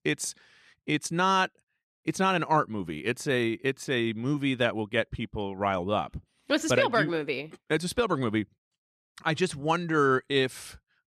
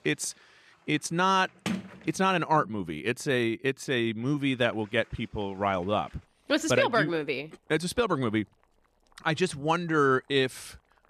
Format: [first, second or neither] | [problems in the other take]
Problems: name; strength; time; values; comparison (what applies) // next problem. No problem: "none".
first | household noises; noticeable; throughout; 15 dB below the speech